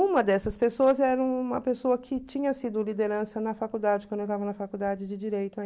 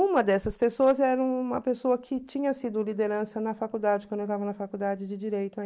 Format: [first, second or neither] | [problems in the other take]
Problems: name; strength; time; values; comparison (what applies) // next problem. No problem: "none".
first | noise reduction (neural mask model Resemble Enhance denoiser)